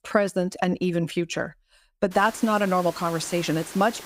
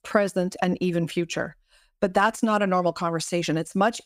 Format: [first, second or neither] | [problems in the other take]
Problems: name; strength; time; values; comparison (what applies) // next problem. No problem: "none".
second | hiss; noticeable; from 2 s on; 15 dB below the speech